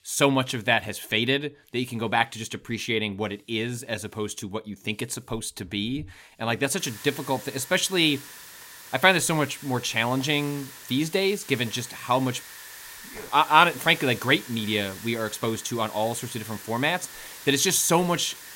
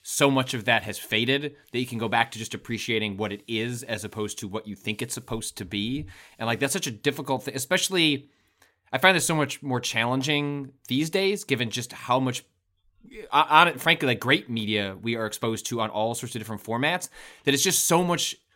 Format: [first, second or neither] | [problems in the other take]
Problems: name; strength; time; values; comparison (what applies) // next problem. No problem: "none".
second | hiss; noticeable; from 7 s on; 15 dB below the speech